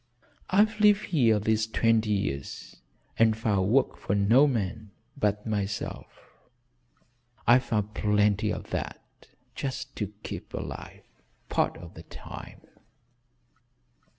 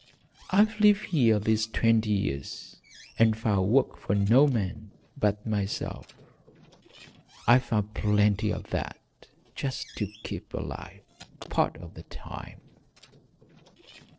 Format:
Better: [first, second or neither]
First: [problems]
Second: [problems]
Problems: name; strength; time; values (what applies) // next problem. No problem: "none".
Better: first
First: none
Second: noise reduction (neural separator model SepFormer DNS4)